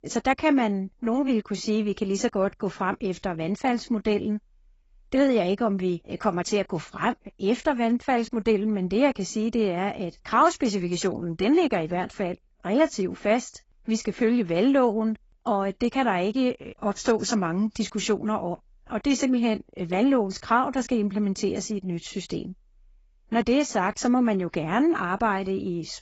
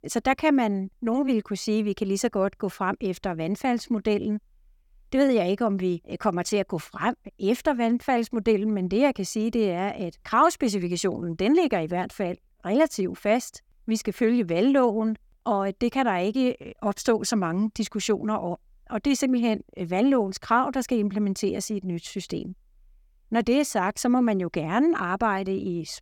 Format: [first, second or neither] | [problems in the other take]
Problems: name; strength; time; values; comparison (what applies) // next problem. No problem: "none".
second | garbled, watery; badly; nothing above 7.5 kHz